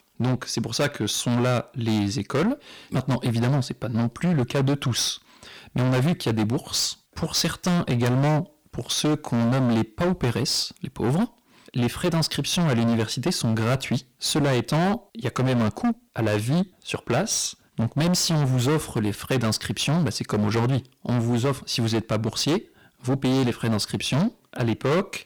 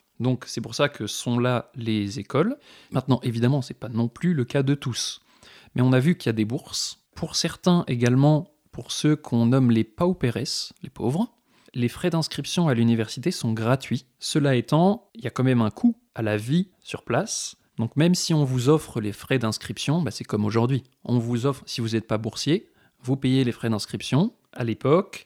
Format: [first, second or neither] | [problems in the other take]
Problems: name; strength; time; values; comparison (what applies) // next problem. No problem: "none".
second | distortion; heavy; 22% of the sound clipped